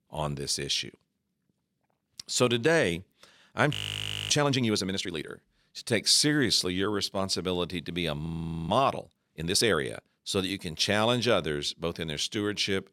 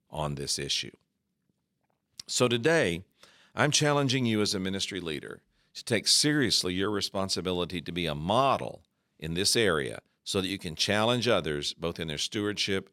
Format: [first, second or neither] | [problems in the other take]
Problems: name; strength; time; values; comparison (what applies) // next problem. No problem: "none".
second | audio freezing; at 3.5 s for 0.5 s and at 8.5 s